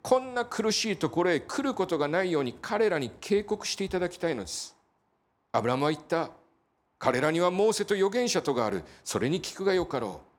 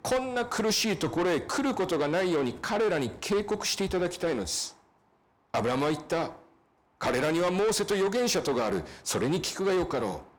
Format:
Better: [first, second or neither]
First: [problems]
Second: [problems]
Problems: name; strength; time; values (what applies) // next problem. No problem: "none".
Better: first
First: none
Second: distortion; heavy; 7 dB below the speech